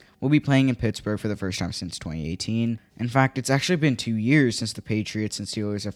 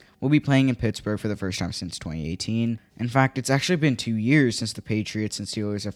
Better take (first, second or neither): neither